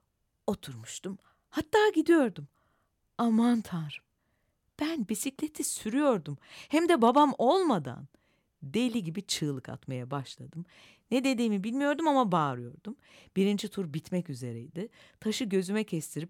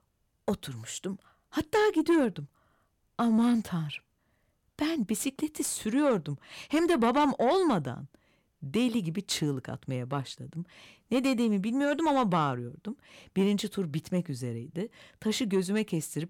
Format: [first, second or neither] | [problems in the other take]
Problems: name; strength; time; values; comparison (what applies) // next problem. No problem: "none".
first | distortion; slight; 10 dB below the speech